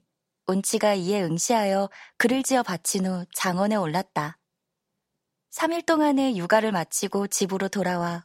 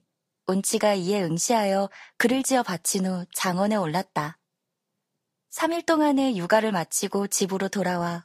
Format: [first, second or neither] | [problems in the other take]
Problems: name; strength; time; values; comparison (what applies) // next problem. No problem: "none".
first | garbled, watery; slightly